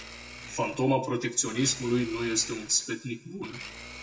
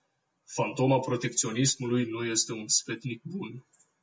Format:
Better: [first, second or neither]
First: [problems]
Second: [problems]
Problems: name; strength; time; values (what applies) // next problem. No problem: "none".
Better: second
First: background sound (Domestic sounds, home sounds); 15 dB below the speech // room echo; dies away in 0.7 s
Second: none